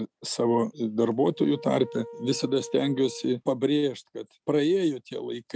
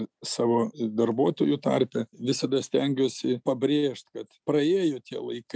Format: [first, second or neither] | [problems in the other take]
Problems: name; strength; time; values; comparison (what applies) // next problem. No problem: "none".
second | background sound (Wind instrument, woodwind instrument); 17 dB below the speech